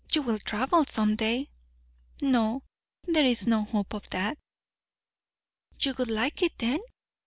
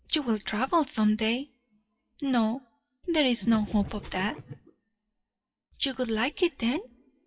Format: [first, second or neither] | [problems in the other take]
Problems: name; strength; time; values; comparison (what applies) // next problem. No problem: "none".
first | noise reduction (classical method WPE with log-MMSE)